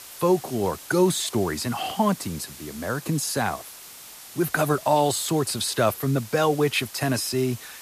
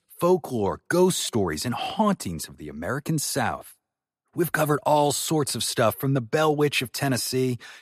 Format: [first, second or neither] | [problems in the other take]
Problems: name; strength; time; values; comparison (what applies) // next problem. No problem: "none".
second | hiss; noticeable; throughout; 15 dB below the speech